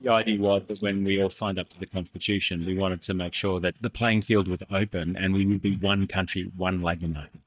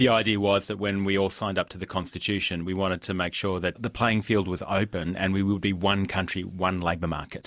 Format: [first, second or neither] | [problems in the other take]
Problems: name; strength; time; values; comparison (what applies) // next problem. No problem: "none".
second | noise reduction (neural mask model DeepFilterNet 3)